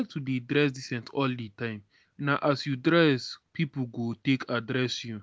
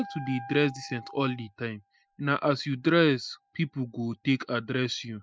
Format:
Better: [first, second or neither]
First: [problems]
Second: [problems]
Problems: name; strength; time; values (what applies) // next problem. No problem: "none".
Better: first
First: none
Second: noise reduction (classical method spectral subtraction)